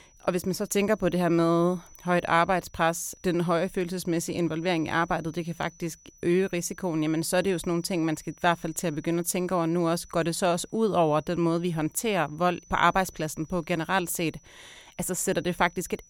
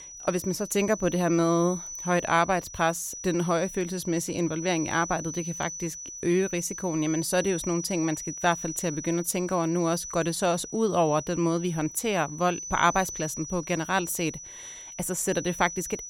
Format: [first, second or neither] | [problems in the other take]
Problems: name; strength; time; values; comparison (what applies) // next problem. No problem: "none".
first | high-pitched whine; loud; throughout; 6 kHz, 10 dB below the speech; faint in the first